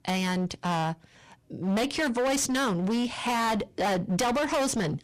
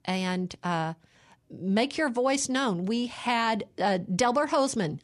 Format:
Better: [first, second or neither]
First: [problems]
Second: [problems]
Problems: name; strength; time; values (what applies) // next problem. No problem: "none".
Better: second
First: distortion; heavy; 26% of the sound clipped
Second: none